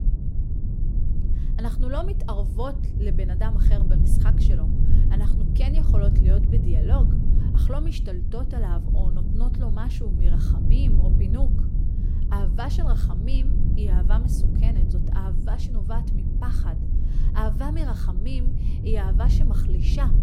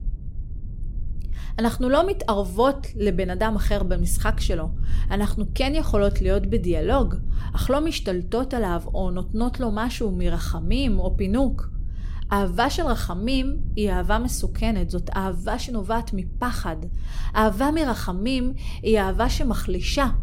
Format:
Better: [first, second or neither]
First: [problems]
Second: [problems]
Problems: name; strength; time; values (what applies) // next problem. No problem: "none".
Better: second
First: low rumble; loud; throughout; 2 dB below the speech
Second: low rumble; faint; throughout; 25 dB below the speech